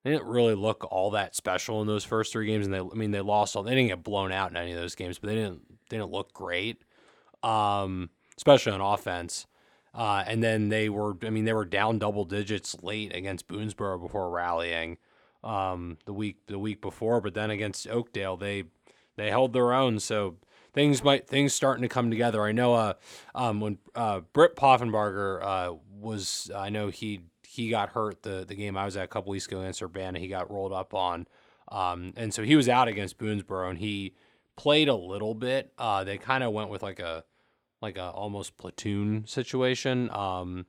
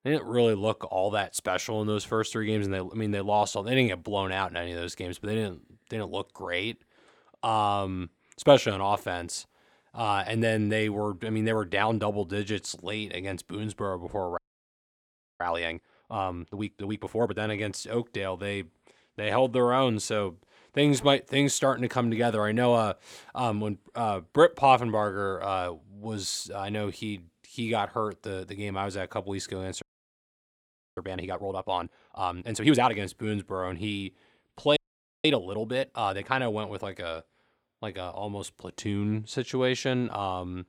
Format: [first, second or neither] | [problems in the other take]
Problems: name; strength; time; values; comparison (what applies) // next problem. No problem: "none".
first | audio freezing; at 14 s for 1 s, at 30 s for 1 s and at 35 s